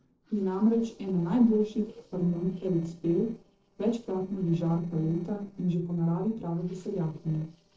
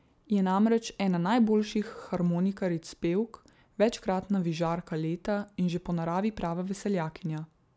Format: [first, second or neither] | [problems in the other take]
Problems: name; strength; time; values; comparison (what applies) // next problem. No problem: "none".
second | noise reduction (neural separator model SepFormer DNS4)